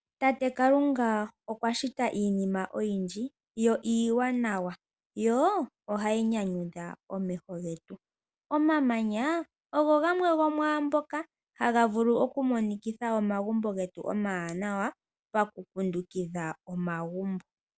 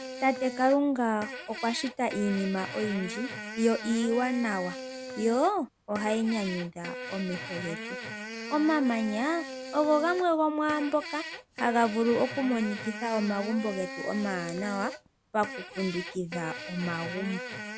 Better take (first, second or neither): first